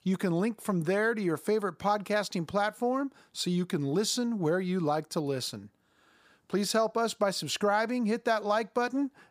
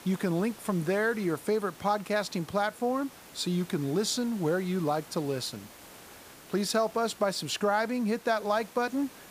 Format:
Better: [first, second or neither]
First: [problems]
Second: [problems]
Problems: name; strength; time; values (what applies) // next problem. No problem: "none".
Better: first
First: none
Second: hiss; noticeable; throughout; 20 dB below the speech